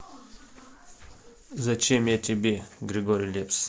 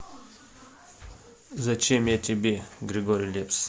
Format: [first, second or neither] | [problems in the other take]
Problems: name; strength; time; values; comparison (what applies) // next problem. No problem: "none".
second | noise reduction (neural separator model SepFormer DNS4)